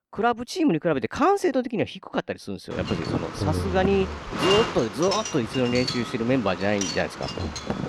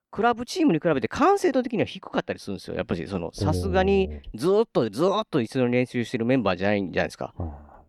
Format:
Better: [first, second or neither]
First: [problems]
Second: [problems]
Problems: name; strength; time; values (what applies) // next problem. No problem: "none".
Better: second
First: wind noise on the microphone; heavy; from 2.5 s on; 4 dB below the speech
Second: none